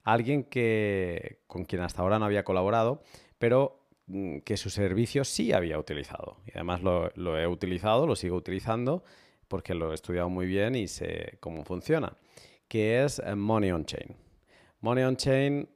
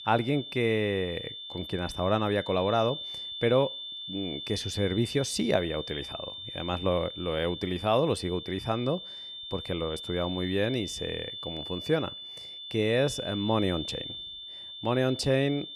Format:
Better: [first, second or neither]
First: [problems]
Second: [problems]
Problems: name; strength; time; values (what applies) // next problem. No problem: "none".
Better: first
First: none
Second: high-pitched whine; loud; throughout; 3.5 kHz, 8 dB below the speech